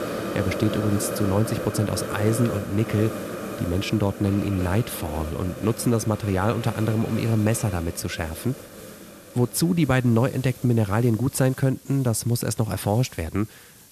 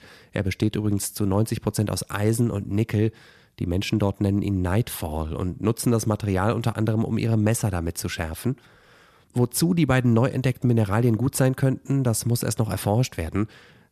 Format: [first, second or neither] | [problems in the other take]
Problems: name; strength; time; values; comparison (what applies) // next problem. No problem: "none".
second | hiss; loud; throughout; 9 dB below the speech